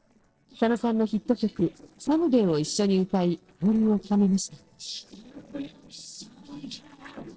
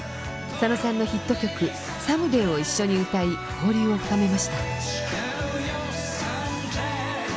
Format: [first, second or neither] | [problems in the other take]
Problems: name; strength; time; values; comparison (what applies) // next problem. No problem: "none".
second | noise reduction (neural separator model SepFormer DNS4)